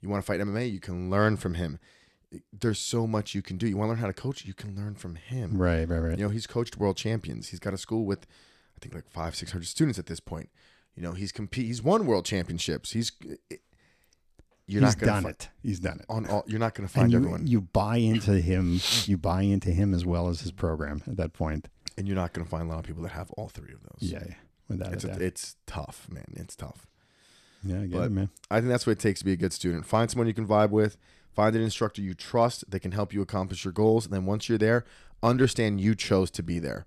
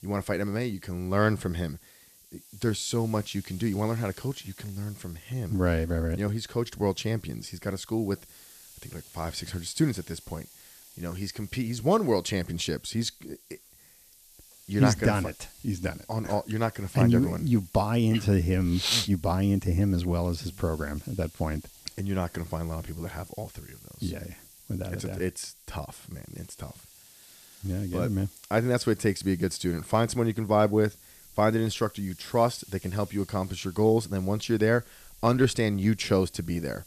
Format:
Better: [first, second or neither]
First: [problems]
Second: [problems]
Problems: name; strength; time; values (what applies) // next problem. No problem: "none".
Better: first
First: none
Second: hiss; faint; throughout; 20 dB below the speech